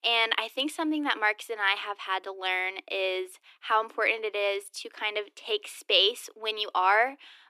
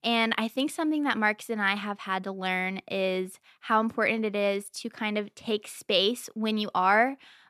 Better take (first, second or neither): second